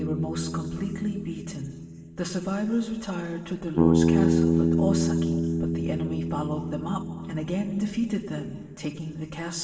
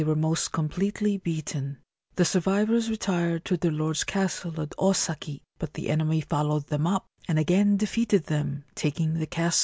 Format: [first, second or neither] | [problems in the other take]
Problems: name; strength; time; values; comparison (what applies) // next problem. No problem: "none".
second | background sound (Bass guitar); 4 dB above the speech // room echo; dies away in 2 s